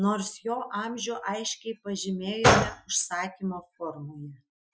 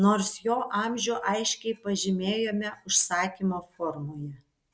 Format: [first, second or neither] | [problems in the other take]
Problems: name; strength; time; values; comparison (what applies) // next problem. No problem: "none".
second | noise reduction (classical method Wiener filter)